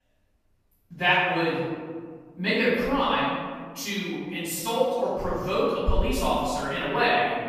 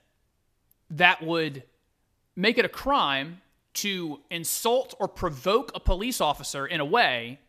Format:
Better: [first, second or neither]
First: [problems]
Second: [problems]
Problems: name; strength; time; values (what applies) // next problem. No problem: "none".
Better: second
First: room echo; strong; dies away in 1.7 s // off-mic speech; far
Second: none